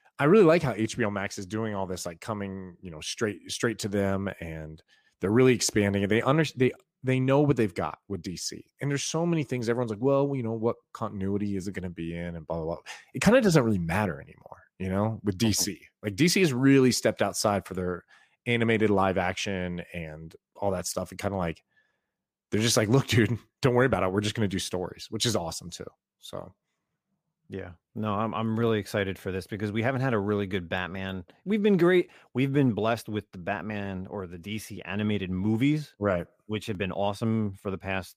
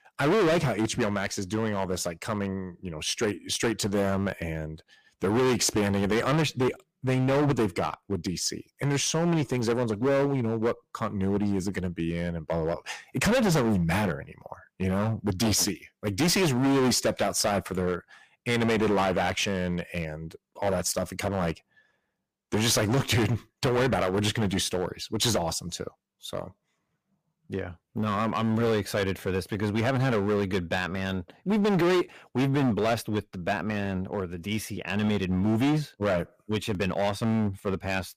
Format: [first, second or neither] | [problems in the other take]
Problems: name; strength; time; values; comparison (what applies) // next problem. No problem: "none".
first | distortion; heavy; 13% of the sound clipped